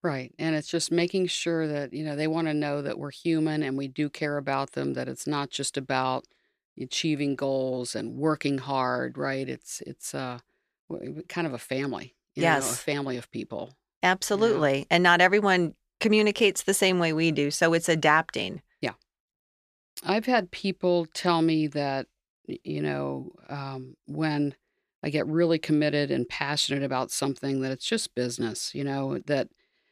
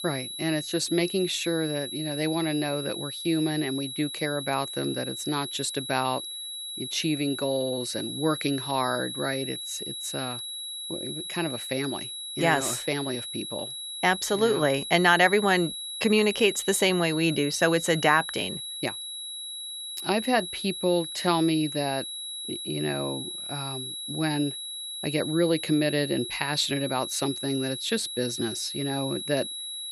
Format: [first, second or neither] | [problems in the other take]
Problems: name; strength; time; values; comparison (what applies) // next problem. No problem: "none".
first | high-pitched whine; loud; throughout; 4 kHz, 6 dB below the speech